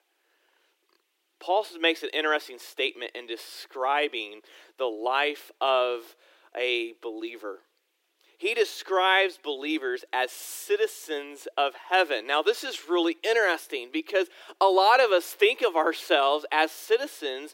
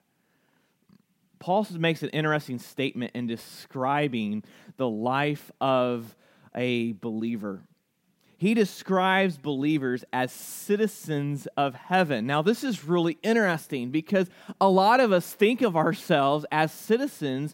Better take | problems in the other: second | thin; very; fading below 300 Hz

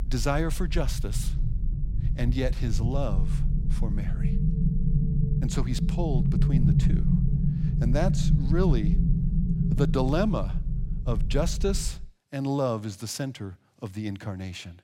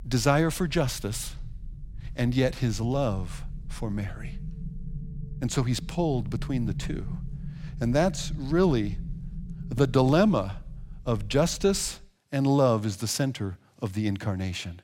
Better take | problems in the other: second | low rumble; loud; until 12 s; 5 dB below the speech; faint in the second

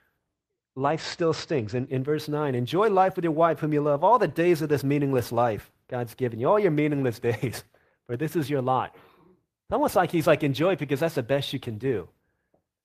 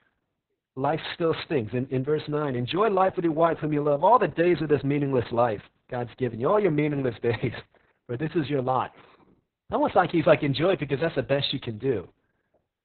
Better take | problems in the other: first | garbled, watery; badly; nothing above 4 kHz; slightly in the first

